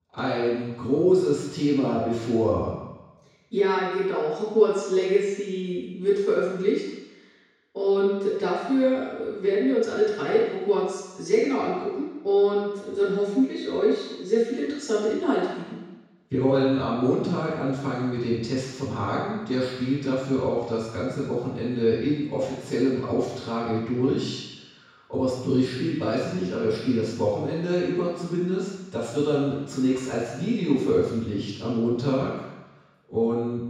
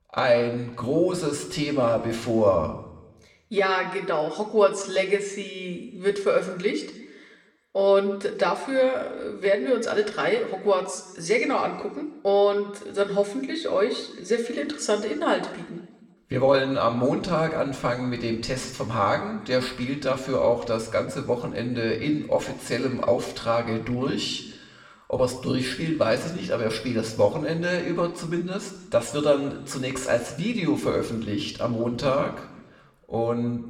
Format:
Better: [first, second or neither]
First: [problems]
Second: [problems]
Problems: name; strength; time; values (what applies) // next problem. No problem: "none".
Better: second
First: room echo; strong; dies away in 1.1 s // off-mic speech; far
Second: room echo; slight; dies away in 1 s